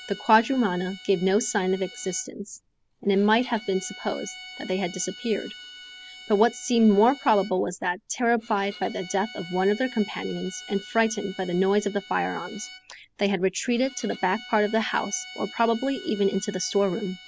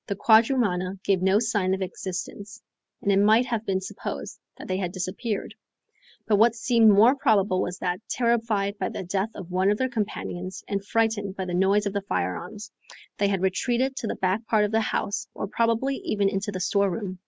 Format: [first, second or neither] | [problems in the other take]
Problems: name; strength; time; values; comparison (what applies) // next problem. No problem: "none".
second | background sound (Bowed string instrument); 18 dB below the speech